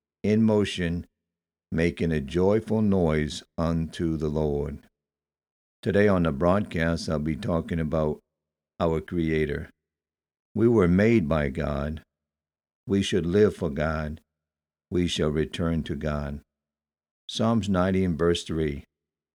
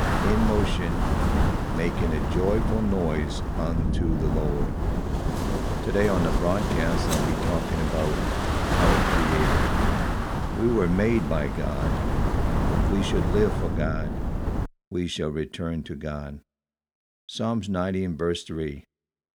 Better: first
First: none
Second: wind noise on the microphone; heavy; until 15 s; 1 dB above the speech

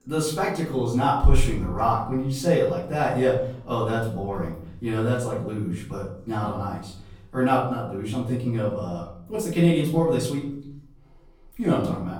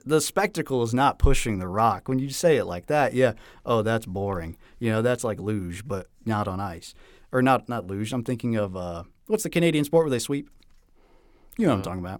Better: second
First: off-mic speech; far // room echo; noticeable; dies away in 0.7 s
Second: none

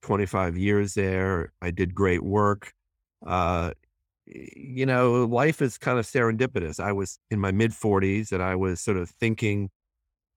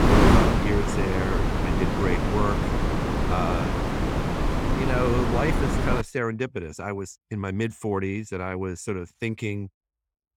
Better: first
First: none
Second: wind noise on the microphone; heavy; until 6 s; 3 dB above the speech

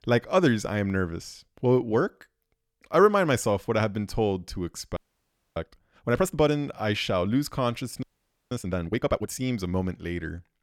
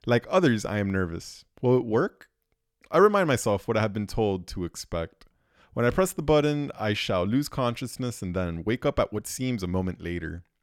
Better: second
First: audio freezing; at 5 s for 0.5 s and at 8 s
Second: none

